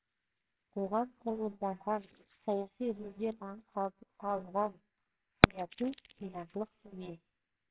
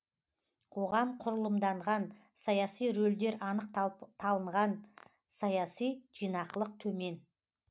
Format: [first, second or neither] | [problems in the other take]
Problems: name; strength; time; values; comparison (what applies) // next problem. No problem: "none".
second | noise reduction (neural separator model SepFormer WHAMR!)